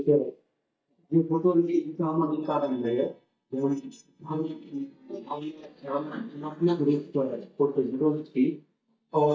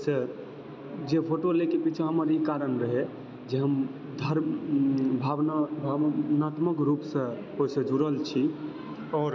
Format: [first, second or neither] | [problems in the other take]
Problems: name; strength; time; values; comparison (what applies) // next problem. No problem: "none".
second | noise reduction (neural mask model DeepFilterNet 3)